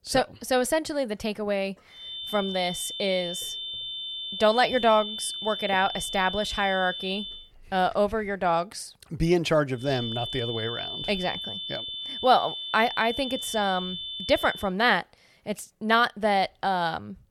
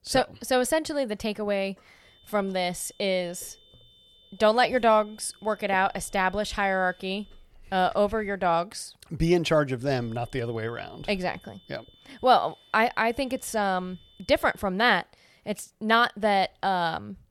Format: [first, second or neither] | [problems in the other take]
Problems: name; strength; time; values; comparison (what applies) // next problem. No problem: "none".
second | high-pitched whine; loud; from 2 to 7.5 s and from 10 to 15 s; 3.5 kHz, 6 dB below the speech; faint in the second